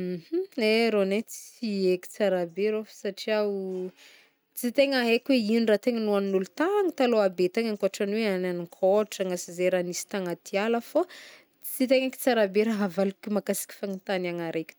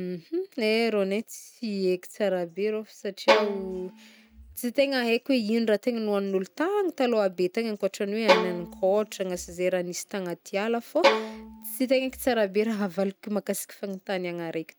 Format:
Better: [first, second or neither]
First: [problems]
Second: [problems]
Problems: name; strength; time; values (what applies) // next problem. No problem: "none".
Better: first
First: none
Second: background sound (Bowed string instrument); 1 dB below the speech